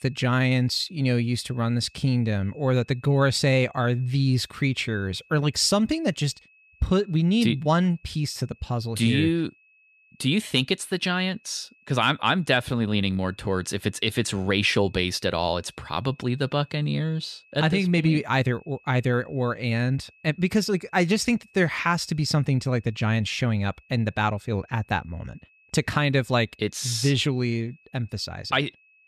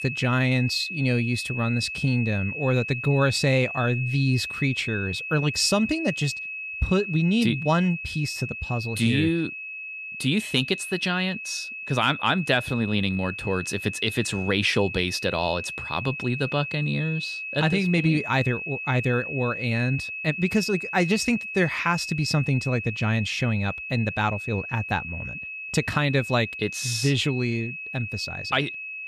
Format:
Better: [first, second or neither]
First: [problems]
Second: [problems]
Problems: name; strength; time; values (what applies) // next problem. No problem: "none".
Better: first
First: high-pitched whine; faint; throughout; 2.5 kHz, 30 dB below the speech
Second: high-pitched whine; loud; throughout; 2.5 kHz, 7 dB below the speech